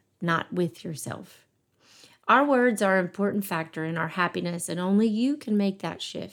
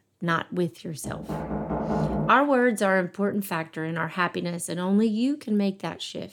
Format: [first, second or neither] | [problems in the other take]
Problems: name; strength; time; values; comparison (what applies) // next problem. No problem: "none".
first | door banging; noticeable; from 1 to 2.5 s; peak 1 dB below the speech